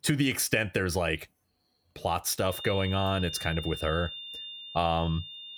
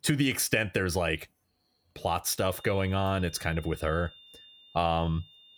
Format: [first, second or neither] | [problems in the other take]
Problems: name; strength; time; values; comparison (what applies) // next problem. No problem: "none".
second | high-pitched whine; loud; from 2.5 s on; 3.5 kHz, 9 dB below the speech; faint in the second